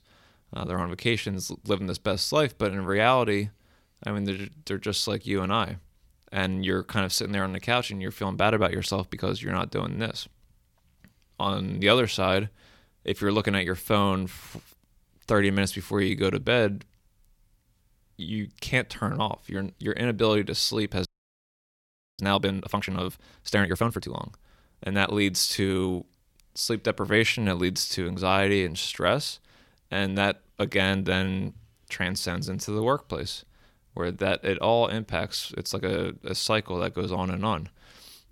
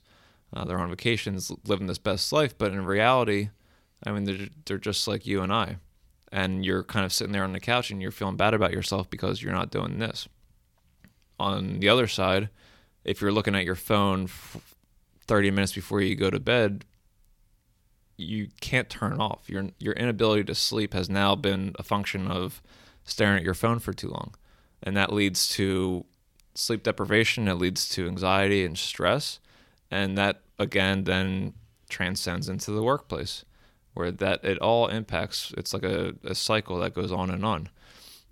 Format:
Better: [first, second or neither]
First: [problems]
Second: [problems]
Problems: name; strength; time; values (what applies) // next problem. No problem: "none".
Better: second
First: audio freezing; at 21 s for 1 s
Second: none